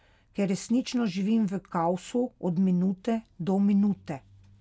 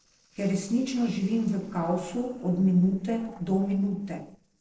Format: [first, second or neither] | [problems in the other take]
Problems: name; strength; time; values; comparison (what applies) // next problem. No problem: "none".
first | noise reduction (neural separator model SepFormer DNS4)